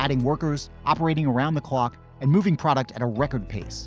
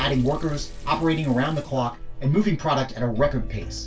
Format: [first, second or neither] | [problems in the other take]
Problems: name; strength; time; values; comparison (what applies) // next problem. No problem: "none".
first | background sound (Sink (filling or washing) / Water tap, faucet); 11 dB below the speech // room echo; dies away in 0.2 s